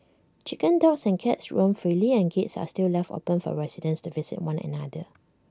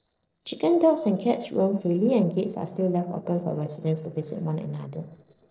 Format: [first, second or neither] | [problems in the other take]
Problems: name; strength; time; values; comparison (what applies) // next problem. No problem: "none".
first | noise reduction (neural separator model SepFormer DNS4)